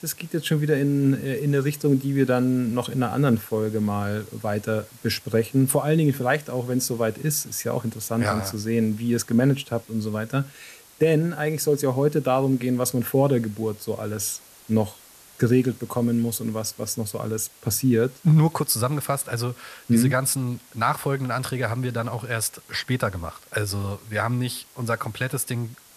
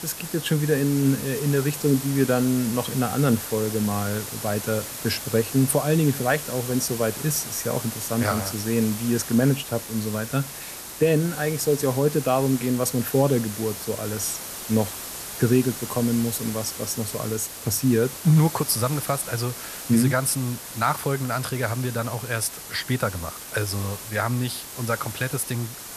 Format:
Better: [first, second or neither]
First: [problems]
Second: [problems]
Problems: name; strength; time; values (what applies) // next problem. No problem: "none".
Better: first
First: hiss; faint; throughout; 25 dB below the speech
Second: hiss; loud; throughout; 9 dB below the speech